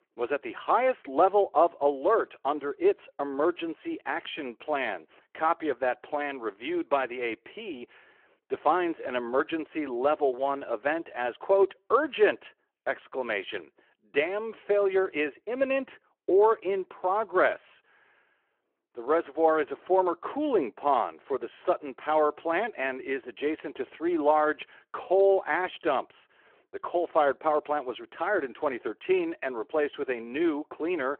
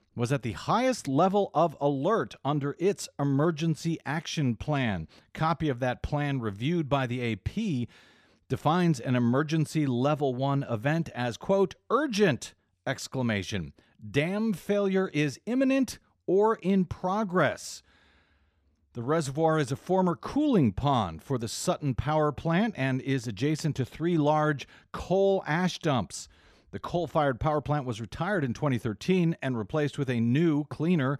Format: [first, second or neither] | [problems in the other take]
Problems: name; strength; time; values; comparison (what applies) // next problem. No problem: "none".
second | phone-call audio